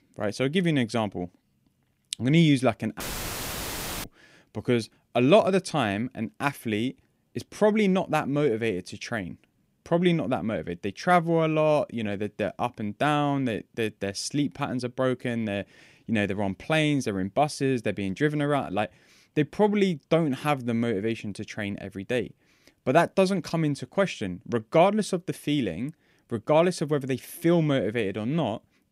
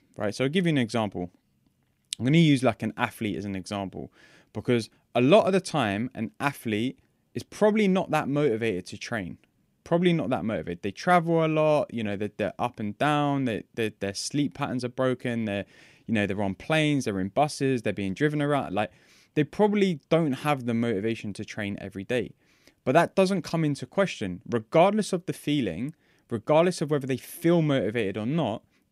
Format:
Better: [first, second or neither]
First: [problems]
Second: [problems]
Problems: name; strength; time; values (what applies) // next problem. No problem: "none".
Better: second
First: audio cutting out; filled with static; at 3 s for 1 s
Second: none